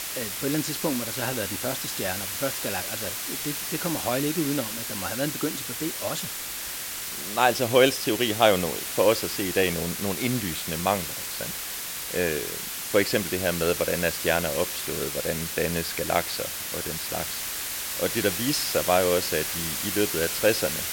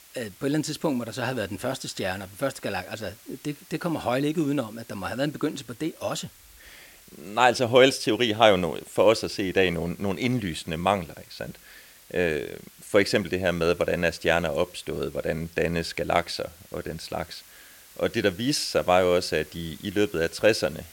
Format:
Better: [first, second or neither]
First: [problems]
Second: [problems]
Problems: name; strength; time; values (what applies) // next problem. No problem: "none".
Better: second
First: hiss; loud; throughout; 2 dB below the speech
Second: hiss; faint; throughout; 25 dB below the speech